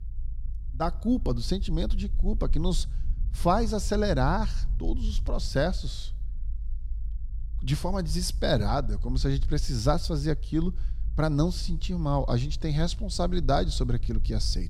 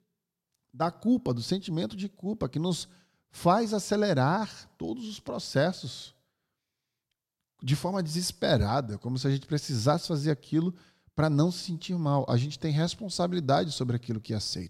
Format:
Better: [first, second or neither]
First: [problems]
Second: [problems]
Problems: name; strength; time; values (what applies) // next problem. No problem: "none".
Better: second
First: low rumble; faint; throughout; 25 dB below the speech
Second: none